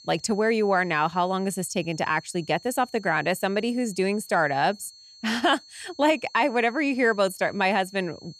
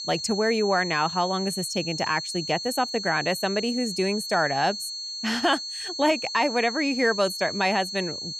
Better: first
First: high-pitched whine; faint; throughout; 4.5 kHz, 20 dB below the speech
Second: high-pitched whine; loud; throughout; 4.5 kHz, 6 dB below the speech

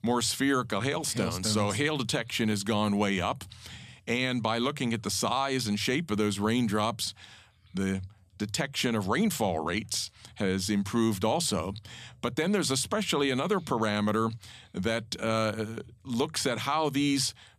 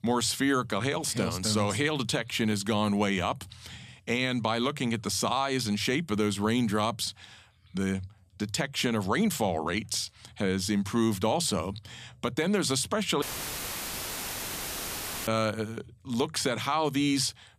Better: first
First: none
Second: audio cutting out; filled with static; at 13 s for 2 s

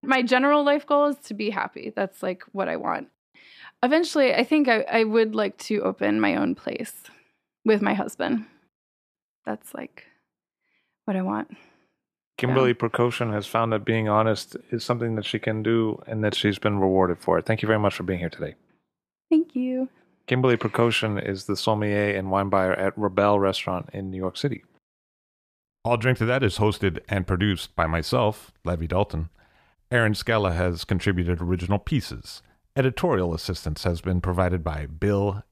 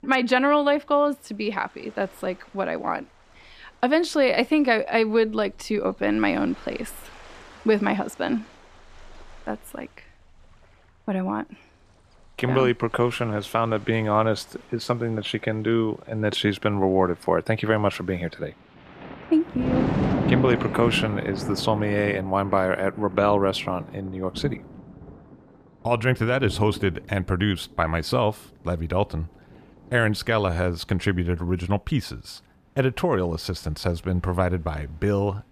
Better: first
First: none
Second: rain or running water; loud; throughout; 7 dB below the speech

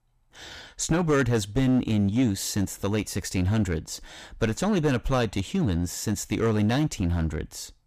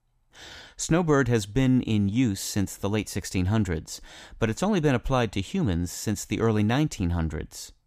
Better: second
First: distortion; slight; 6% of the sound clipped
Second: none

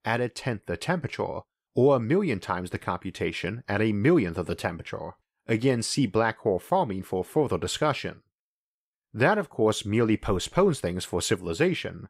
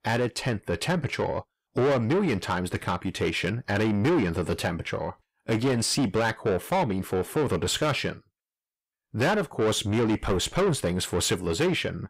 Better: first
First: none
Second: distortion; heavy; 7 dB below the speech

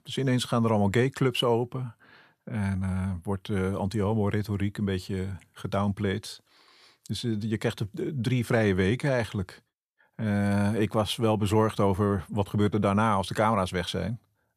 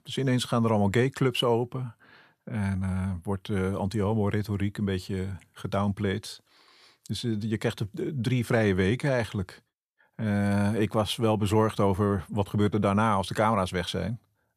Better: neither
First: none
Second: none

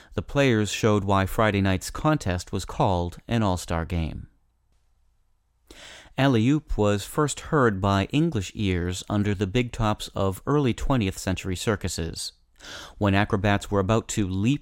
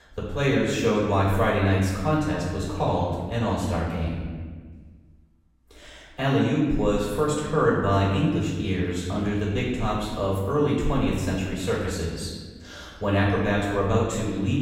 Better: first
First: none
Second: off-mic speech; far // room echo; noticeable; dies away in 1.4 s

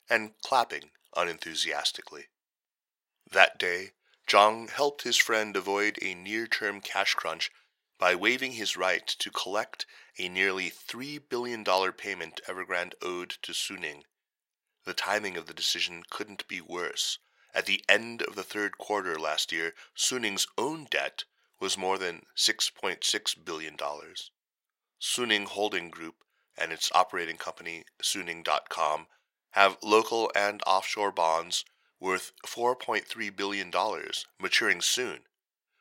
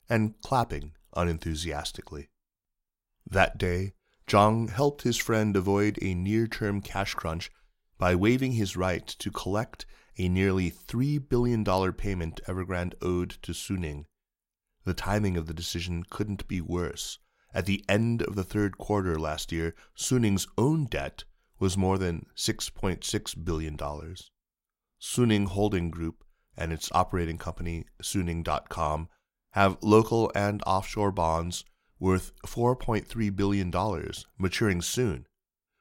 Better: second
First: thin; very; fading below 550 Hz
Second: none

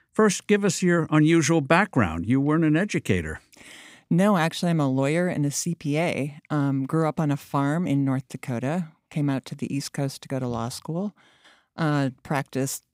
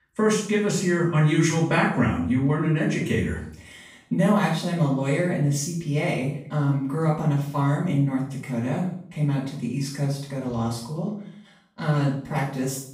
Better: first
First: none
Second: room echo; noticeable; dies away in 0.5 s // off-mic speech; far

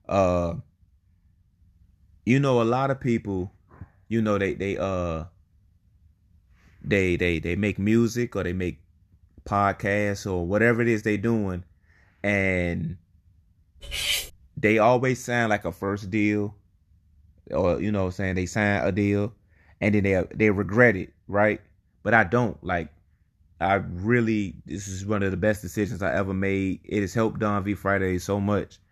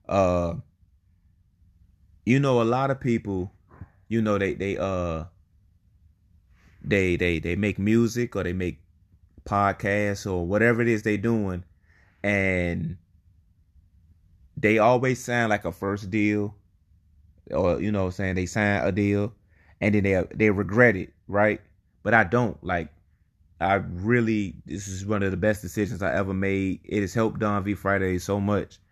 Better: second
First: clattering dishes; noticeable; at 14 s; peak level with the speech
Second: none

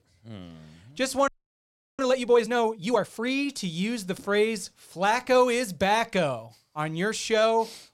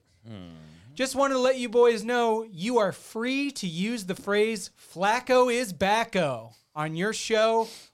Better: second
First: audio freezing; at 1.5 s for 0.5 s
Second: none

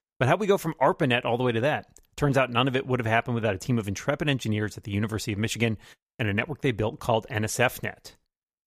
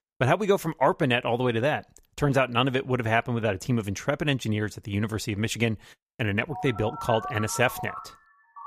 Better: first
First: none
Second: phone ringing; noticeable; from 6.5 s on; peak 9 dB below the speech

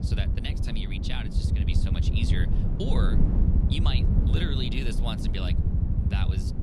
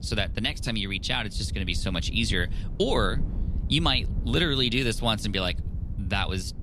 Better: second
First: low rumble; loud; throughout; 3 dB below the speech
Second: low rumble; faint; throughout; 20 dB below the speech

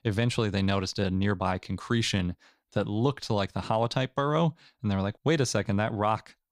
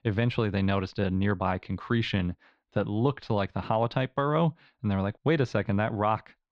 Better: first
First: none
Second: muffled; slightly; fading above 3 kHz

